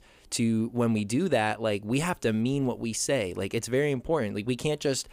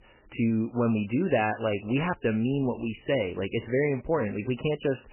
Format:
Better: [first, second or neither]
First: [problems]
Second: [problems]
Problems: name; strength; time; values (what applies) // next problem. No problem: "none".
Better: first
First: none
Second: garbled, watery; badly; nothing above 3 kHz